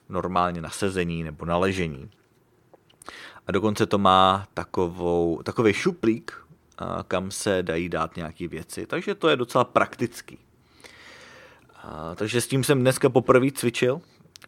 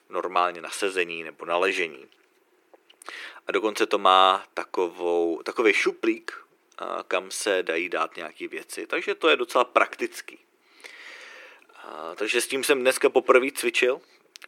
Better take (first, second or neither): first